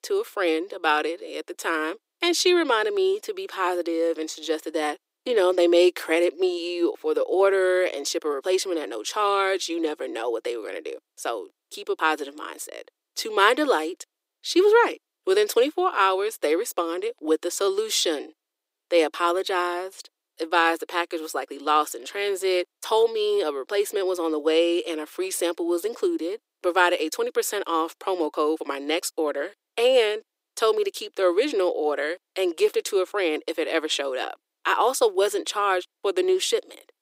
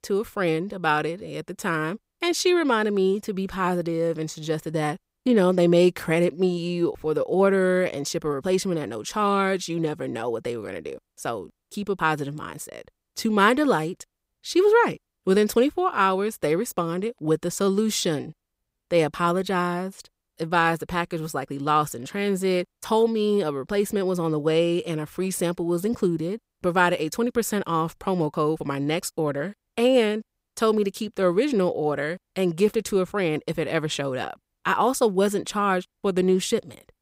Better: second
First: thin; very; fading below 300 Hz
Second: none

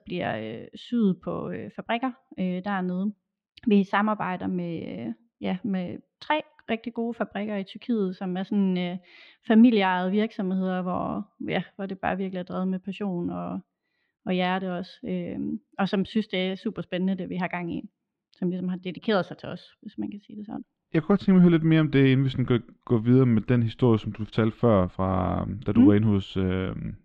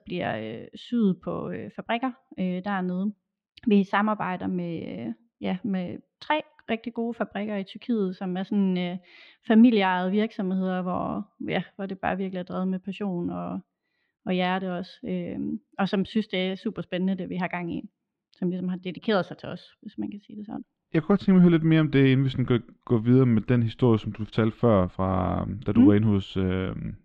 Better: neither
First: muffled; slightly; fading above 3.5 kHz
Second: muffled; slightly; fading above 3.5 kHz

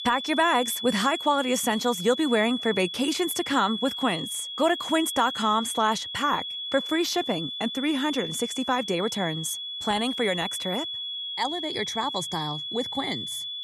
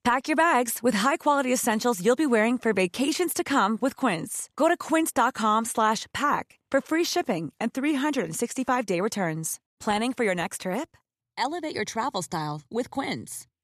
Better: second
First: high-pitched whine; loud; throughout; 3.5 kHz, 5 dB below the speech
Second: none

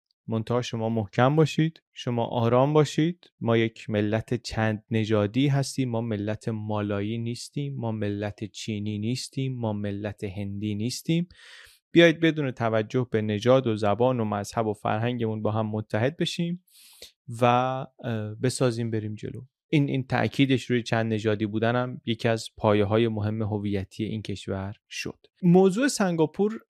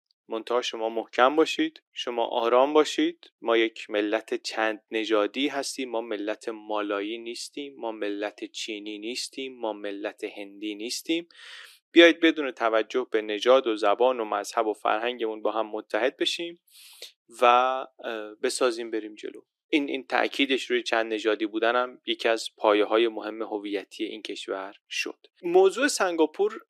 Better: first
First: none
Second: thin; very; fading below 300 Hz

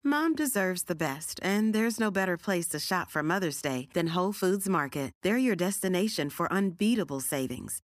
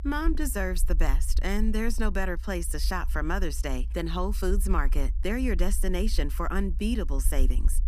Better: first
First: none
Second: low rumble; faint; throughout; 20 dB below the speech

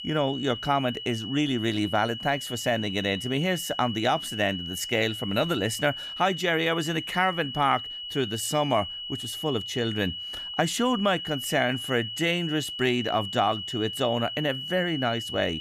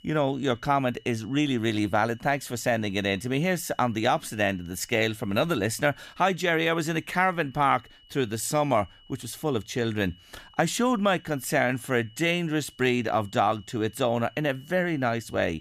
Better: second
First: high-pitched whine; loud; throughout; 3 kHz, 7 dB below the speech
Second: high-pitched whine; faint; throughout; 3 kHz, 30 dB below the speech

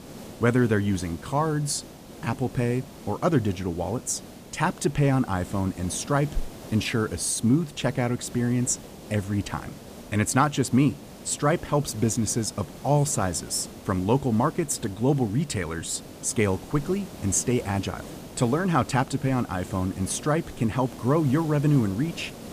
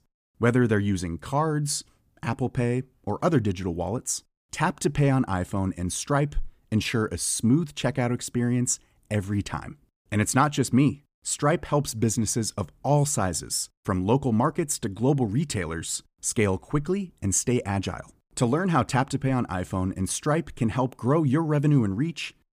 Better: second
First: hiss; noticeable; throughout; 15 dB below the speech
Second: none

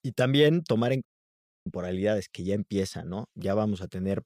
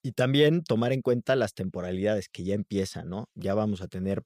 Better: second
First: audio cutting out; at 1 s for 0.5 s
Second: none

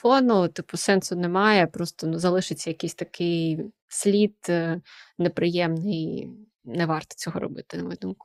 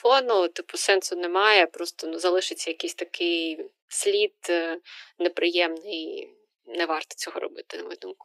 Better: first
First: none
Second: thin; very; fading below 350 Hz

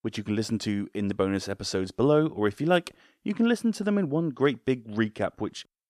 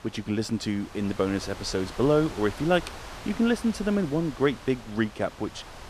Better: first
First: none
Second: wind noise on the microphone; occasional gusts; 15 dB below the speech

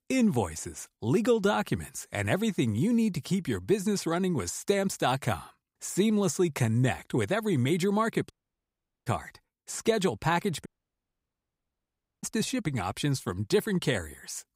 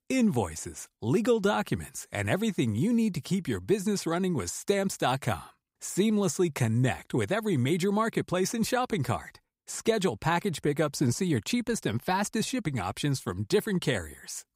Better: second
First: audio cutting out; at 8.5 s for 1 s and at 11 s for 1.5 s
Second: none

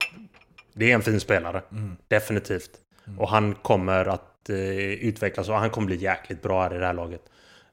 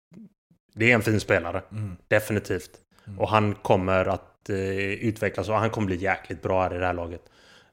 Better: second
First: clattering dishes; noticeable; at the start; peak 4 dB below the speech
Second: none

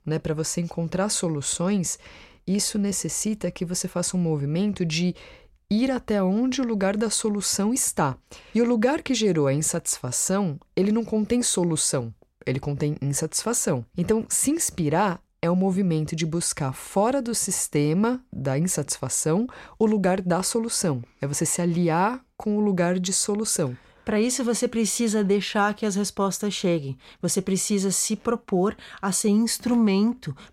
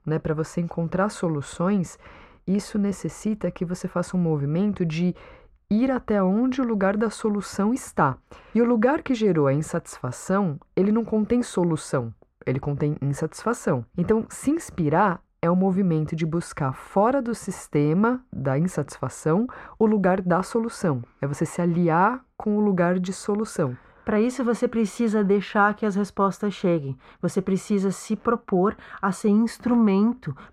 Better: first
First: none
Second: muffled; very; fading above 3 kHz

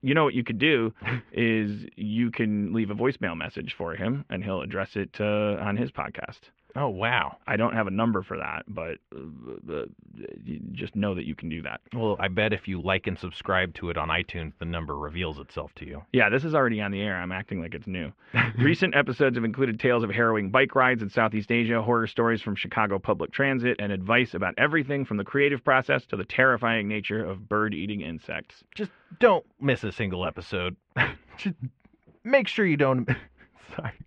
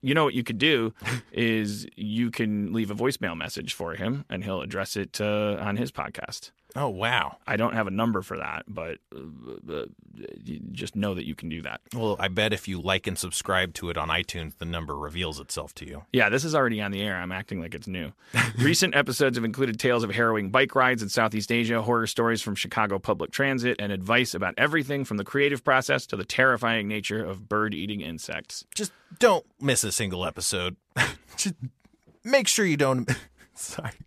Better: second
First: muffled; very; fading above 2.5 kHz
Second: none

